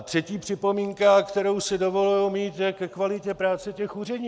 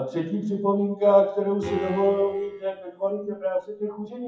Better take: first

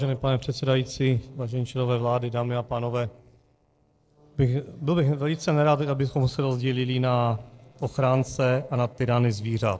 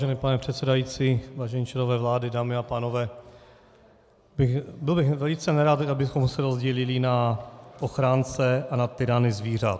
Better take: second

